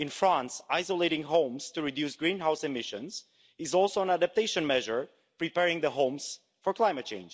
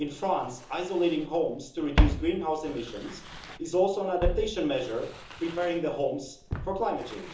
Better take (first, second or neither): first